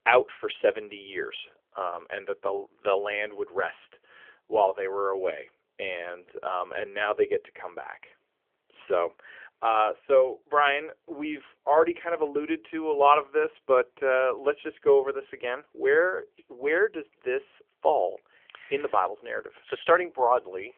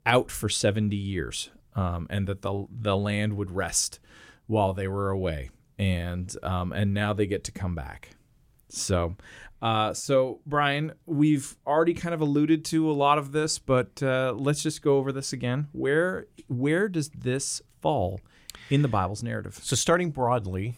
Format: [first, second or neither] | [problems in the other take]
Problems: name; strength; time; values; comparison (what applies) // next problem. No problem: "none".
second | phone-call audio; nothing above 3.5 kHz